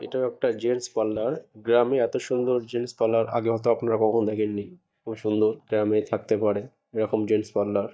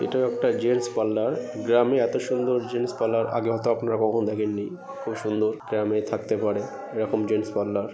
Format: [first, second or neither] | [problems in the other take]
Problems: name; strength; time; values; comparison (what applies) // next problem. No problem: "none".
second | noise reduction (neural mask model DeepFilterNet 3)